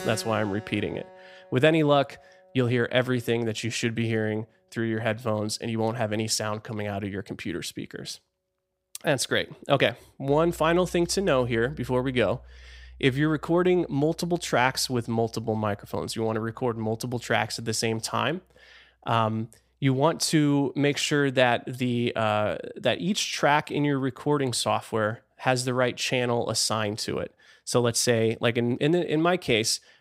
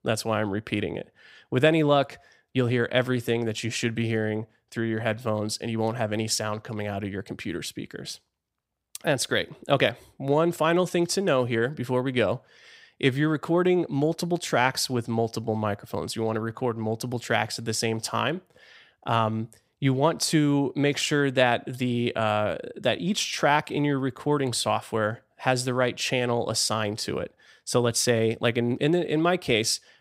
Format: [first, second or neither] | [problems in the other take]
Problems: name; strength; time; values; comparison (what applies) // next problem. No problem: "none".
second | background music; faint; throughout; 25 dB below the speech